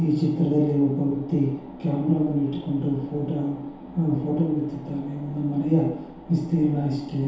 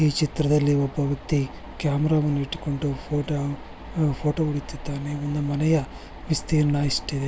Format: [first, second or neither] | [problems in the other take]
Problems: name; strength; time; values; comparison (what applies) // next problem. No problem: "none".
second | room echo; dies away in 0.8 s